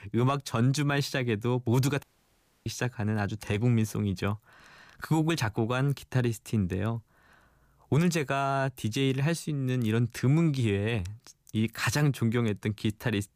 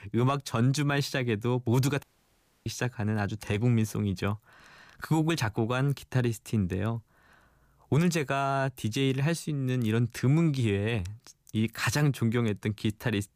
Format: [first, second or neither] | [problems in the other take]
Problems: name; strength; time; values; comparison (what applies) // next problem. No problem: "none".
neither | audio cutting out; at 2 s for 0.5 s; the same in both